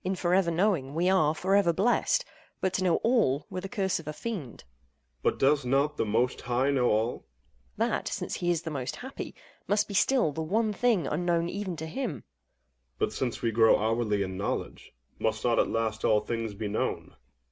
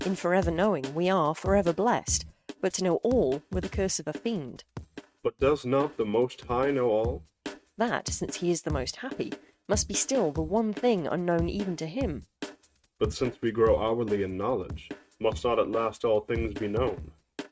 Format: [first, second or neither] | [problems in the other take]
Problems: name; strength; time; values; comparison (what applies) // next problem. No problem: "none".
first | noise reduction (neural mask model RNNoise)